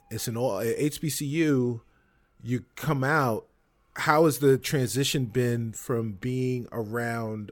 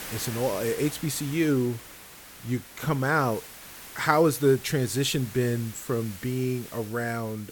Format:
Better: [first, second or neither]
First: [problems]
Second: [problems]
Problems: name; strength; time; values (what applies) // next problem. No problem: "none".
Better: first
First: none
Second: hiss; noticeable; throughout; 15 dB below the speech